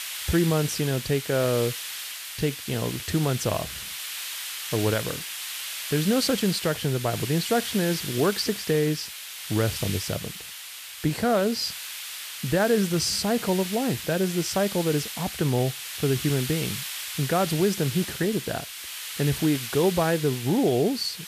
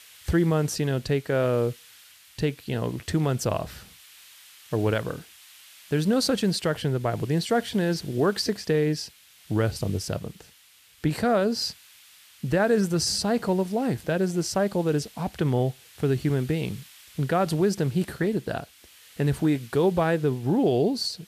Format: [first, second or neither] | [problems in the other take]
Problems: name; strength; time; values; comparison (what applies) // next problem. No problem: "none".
second | hiss; loud; throughout; 7 dB below the speech; faint in the second